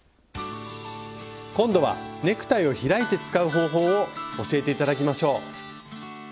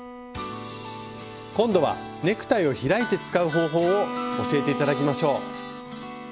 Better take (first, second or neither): first